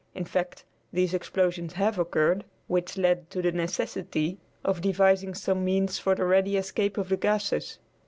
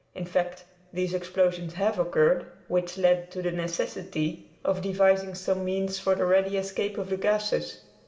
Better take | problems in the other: first | room echo; dies away in 1.7 s

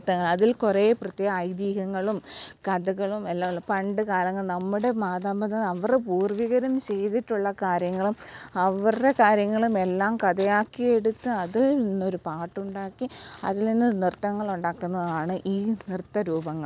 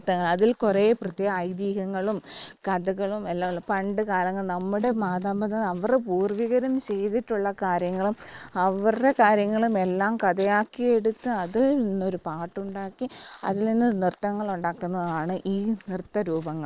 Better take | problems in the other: first | noise reduction (neural mask model Resemble Enhance denoiser)

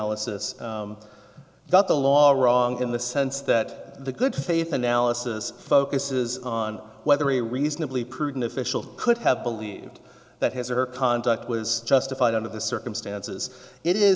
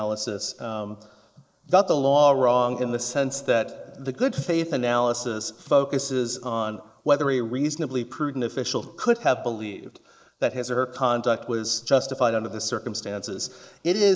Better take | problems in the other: first | noise reduction (neural mask model Resemble Enhance denoiser)

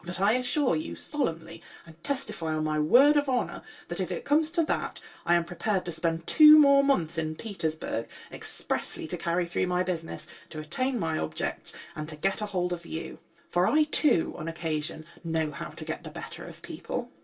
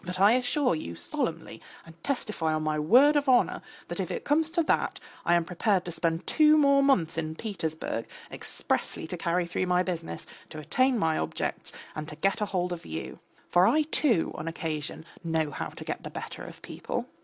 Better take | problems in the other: second | room echo; dies away in 0.1 s

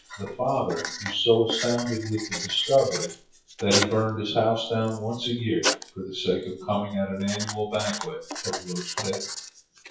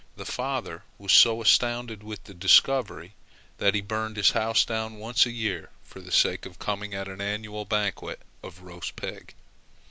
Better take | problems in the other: second | noise reduction (classical method WPE with log-MMSE)

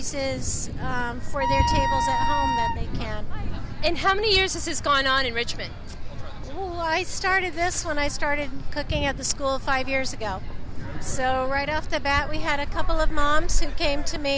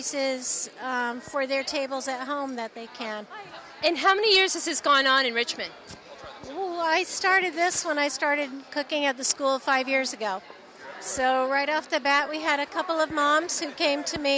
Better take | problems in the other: second | background sound (Thunder + Wind instrument, woodwind instrument); 2 dB above the speech

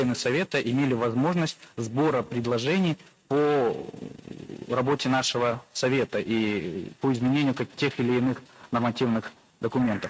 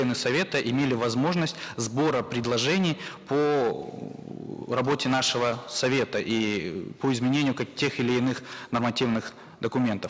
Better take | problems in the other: second | noise reduction (neural mask model RNNoise)

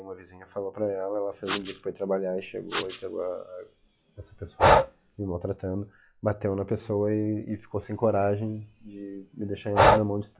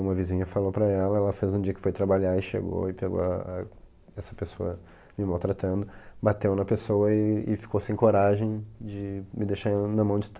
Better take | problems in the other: second | noise reduction (classical method log-MMSE)

